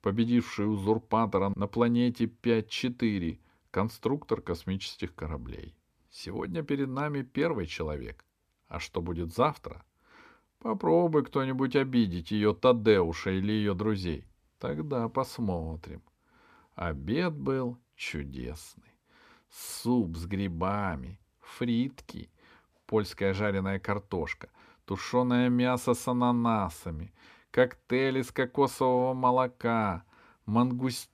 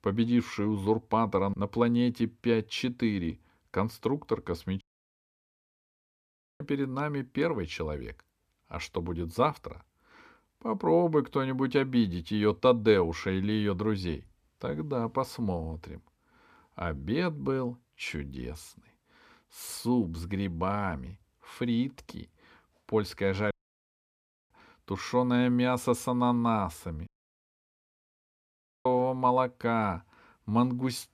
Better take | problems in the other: first | audio cutting out; at 5 s for 2 s, at 24 s for 1 s and at 27 s for 2 s

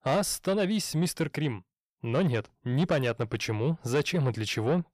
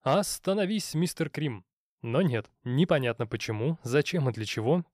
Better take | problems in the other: second | distortion; slight; 10 dB below the speech

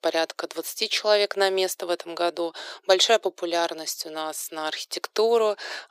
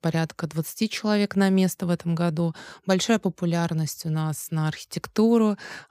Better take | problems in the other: second | thin; very; fading below 350 Hz

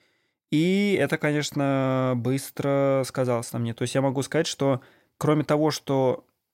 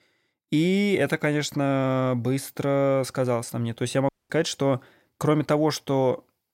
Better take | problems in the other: first | audio cutting out; at 4 s

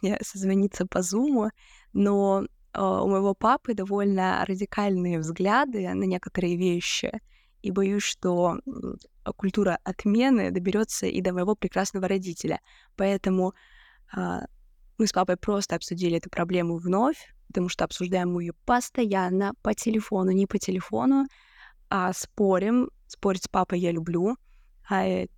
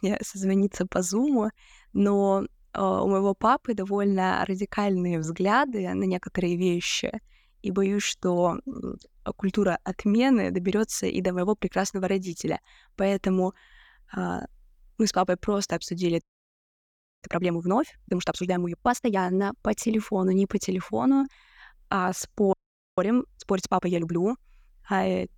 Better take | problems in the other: first | audio freezing; at 16 s for 1 s and at 23 s

